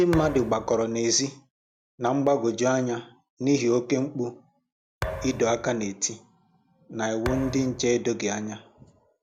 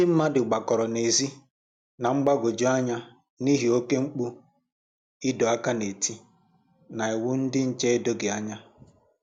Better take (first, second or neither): second